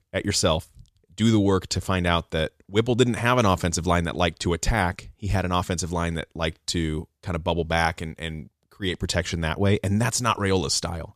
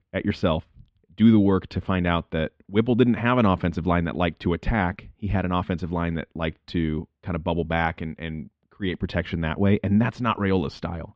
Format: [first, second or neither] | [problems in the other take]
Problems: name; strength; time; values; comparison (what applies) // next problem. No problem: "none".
first | muffled; very; fading above 3 kHz